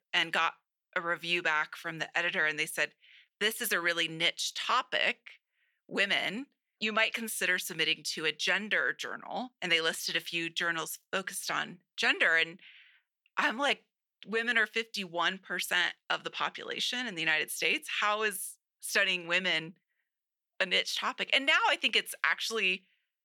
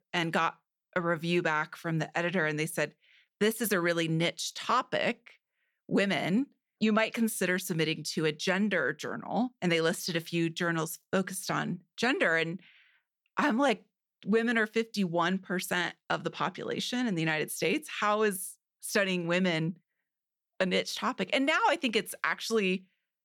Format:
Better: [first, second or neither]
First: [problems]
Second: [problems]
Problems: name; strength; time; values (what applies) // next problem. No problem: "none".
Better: second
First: thin; somewhat; fading below 850 Hz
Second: none